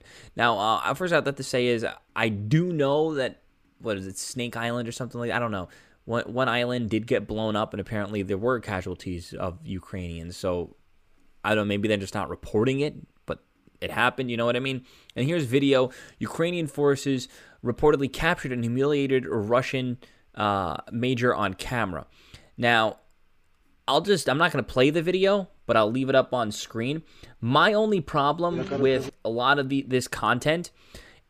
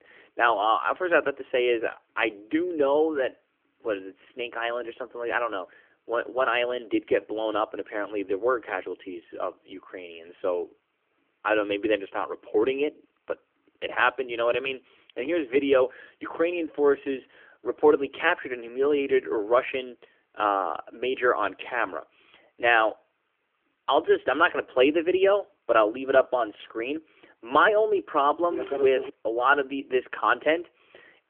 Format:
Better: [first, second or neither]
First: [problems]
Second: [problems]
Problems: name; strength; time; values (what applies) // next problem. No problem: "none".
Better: first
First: none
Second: phone-call audio; nothing above 3 kHz